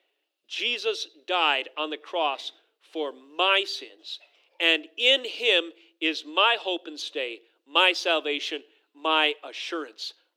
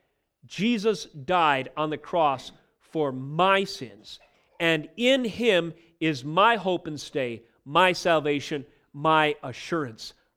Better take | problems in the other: second | thin; somewhat; fading below 300 Hz

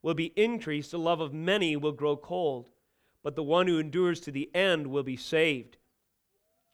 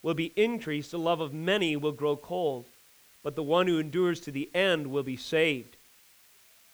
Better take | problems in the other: first | hiss; faint; throughout; 25 dB below the speech

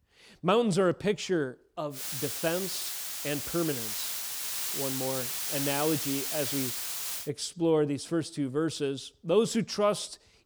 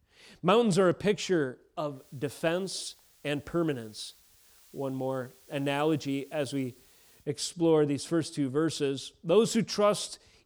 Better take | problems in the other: second | hiss; loud; from 2 to 7 s; 1 dB below the speech; faint in the second

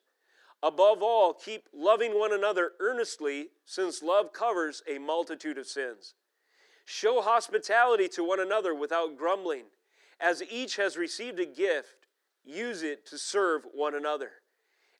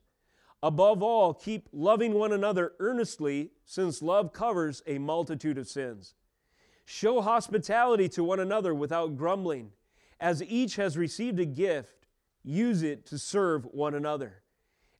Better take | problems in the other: second | thin; somewhat; fading below 350 Hz

